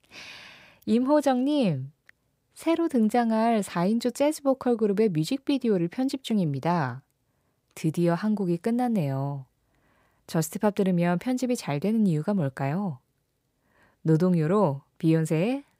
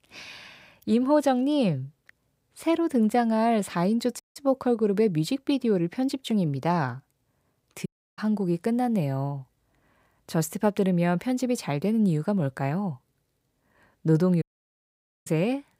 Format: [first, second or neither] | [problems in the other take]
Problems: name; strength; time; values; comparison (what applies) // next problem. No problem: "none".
first | audio cutting out; at 4 s, at 8 s and at 14 s for 1 s